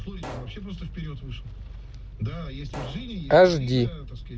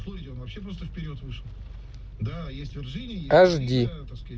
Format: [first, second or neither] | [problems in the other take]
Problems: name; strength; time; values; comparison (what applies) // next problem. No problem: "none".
second | background sound (Explosion); 19 dB below the speech